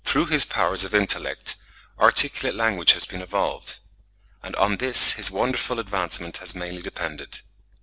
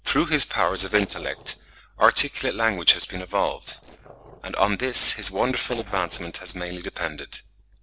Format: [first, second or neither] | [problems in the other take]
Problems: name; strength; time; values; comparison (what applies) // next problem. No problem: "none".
first | noise reduction (neural separator model SepFormer DNS4)